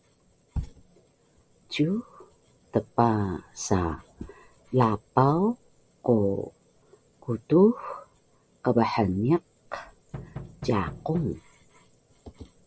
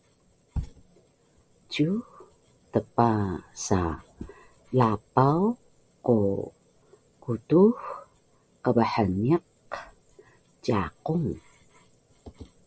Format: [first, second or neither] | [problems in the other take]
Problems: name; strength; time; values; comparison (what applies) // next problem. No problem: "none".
second | background sound (Knock); 13 dB below the speech